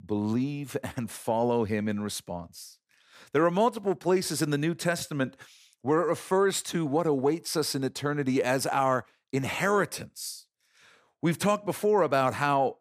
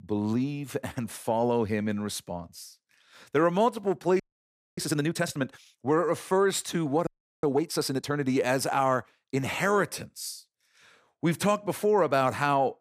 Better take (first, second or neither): first